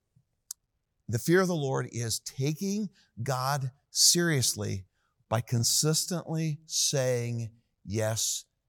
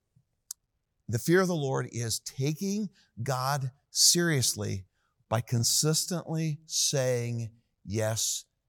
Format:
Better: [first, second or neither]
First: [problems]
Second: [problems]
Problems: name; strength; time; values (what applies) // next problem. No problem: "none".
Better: neither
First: none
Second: none